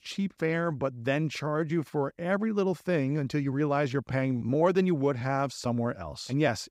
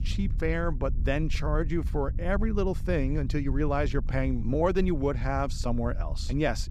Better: first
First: none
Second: wind noise on the microphone; occasional gusts; 20 dB below the speech

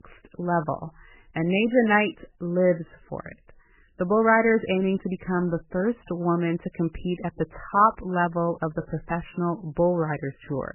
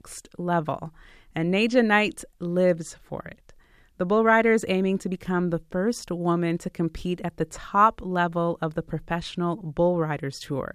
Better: second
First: garbled, watery; badly; nothing above 3 kHz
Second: none

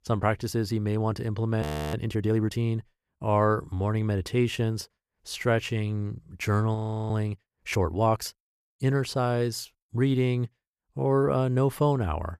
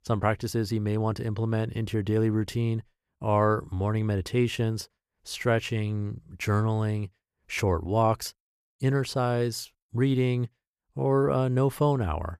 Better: second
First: audio freezing; at 1.5 s and at 6.5 s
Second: none

